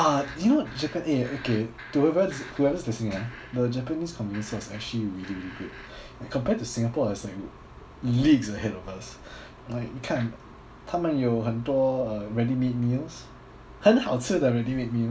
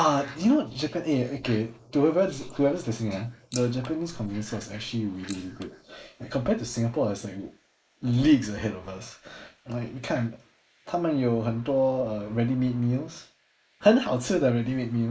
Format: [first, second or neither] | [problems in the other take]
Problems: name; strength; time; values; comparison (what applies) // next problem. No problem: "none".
first | noise reduction (neural mask model Resemble Enhance denoiser)